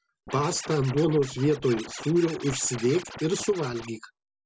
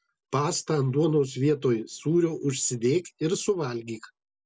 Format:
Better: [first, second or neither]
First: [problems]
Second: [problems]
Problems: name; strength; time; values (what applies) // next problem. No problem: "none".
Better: second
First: background sound (Scratching (performance technique)); 14 dB below the speech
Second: none